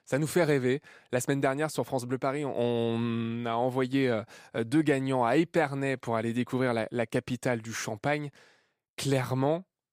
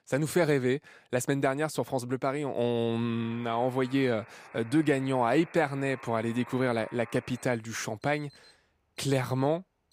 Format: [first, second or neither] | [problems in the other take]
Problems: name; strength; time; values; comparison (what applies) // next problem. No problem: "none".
first | alarms or sirens; faint; from 3 s on; 20 dB below the speech